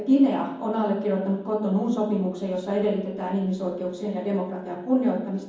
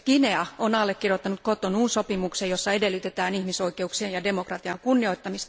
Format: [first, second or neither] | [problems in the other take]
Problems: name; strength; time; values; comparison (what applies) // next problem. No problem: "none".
second | room echo; dies away in 1.2 s